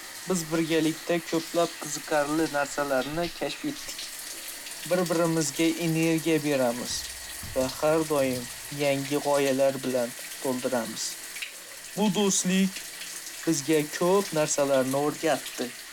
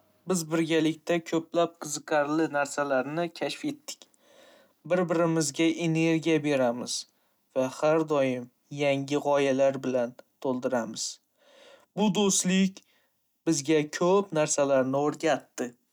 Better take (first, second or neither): second